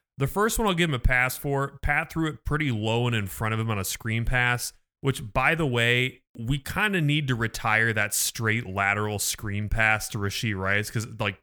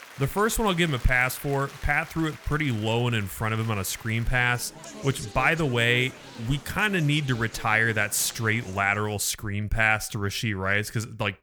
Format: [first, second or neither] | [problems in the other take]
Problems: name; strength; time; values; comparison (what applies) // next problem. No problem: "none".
first | crowd noise; noticeable; until 9 s; 20 dB below the speech